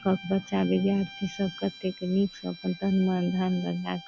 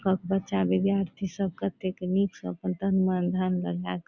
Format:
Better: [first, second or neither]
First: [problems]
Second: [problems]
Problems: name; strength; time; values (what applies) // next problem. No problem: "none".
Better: second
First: background sound (Bowed string instrument); 18 dB below the speech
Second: none